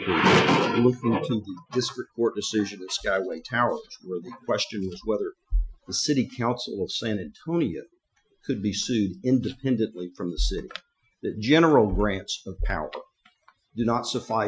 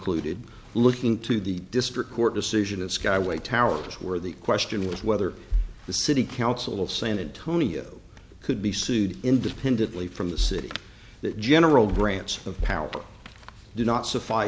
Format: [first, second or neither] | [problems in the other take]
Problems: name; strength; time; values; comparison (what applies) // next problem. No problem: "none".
second | noise reduction (classical method Wiener filter)